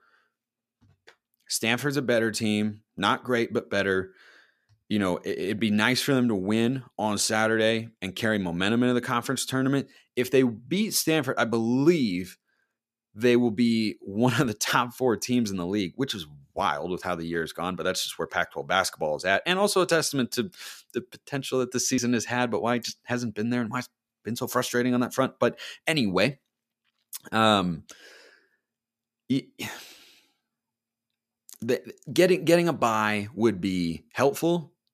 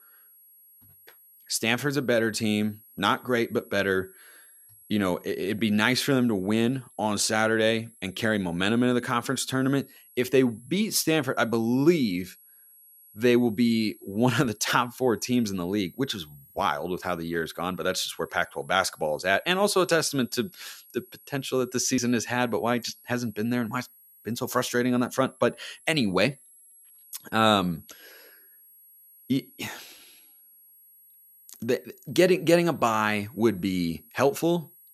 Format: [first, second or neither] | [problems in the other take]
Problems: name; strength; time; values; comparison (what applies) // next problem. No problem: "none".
first | high-pitched whine; faint; throughout; 11.5 kHz, 25 dB below the speech